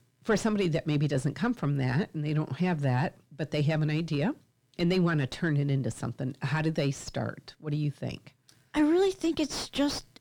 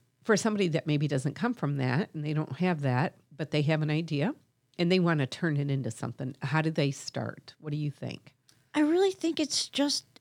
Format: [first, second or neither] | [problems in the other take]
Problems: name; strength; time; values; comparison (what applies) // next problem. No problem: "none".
second | distortion; slight; 9 dB below the speech